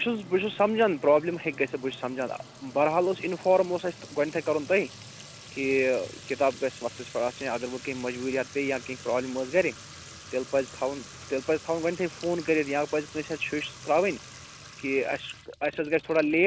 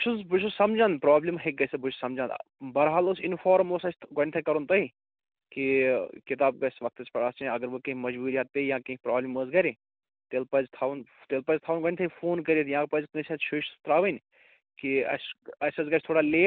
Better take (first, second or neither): second